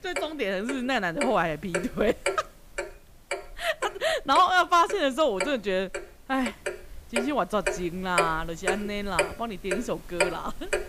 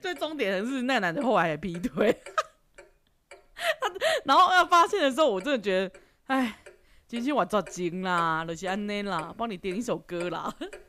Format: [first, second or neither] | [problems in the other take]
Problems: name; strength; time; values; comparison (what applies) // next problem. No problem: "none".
second | household noises; loud; throughout; 6 dB below the speech; faint in the second